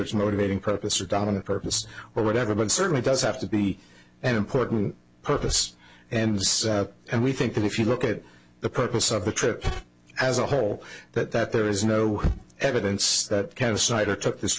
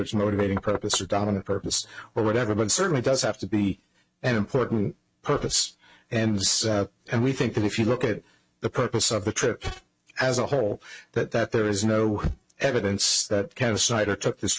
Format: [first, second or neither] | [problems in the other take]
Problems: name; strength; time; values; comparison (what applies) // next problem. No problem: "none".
first | noise reduction (neural mask model RNNoise)